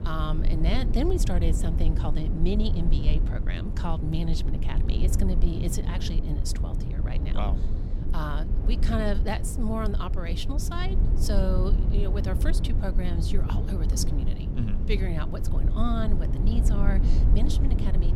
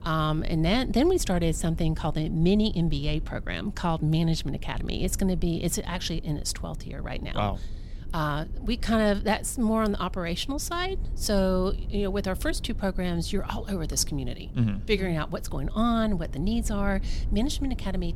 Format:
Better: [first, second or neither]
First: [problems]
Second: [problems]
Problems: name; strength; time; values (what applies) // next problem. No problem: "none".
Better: second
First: low rumble; loud; throughout; 6 dB below the speech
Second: low rumble; faint; throughout; 20 dB below the speech